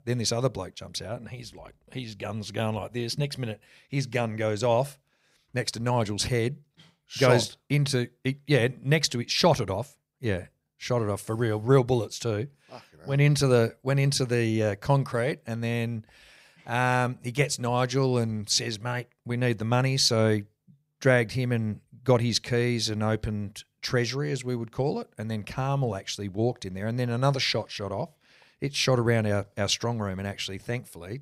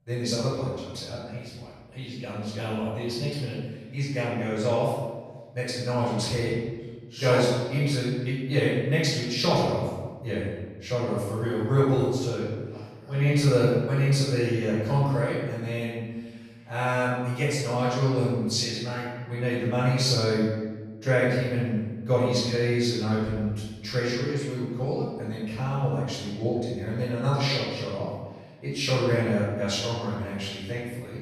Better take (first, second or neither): first